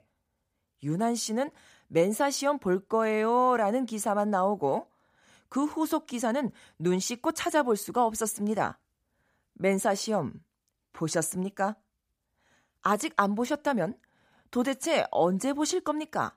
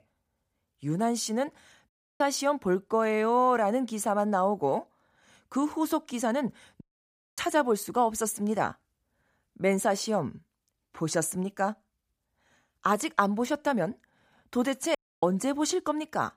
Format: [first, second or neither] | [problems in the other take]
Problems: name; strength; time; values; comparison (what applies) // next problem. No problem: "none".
first | audio cutting out; at 2 s, at 7 s for 0.5 s and at 15 s